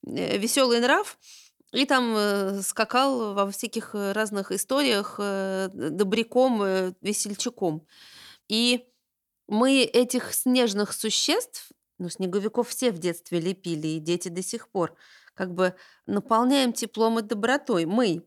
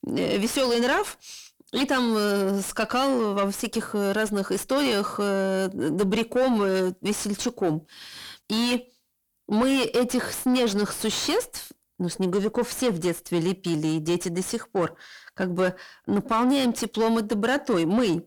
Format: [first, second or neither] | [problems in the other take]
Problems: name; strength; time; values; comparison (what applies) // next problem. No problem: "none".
first | distortion; heavy; 8 dB below the speech